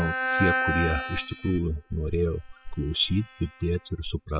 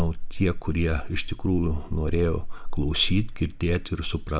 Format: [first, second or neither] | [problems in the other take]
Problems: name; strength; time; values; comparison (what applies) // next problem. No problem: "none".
second | noise reduction (classical method spectral subtraction)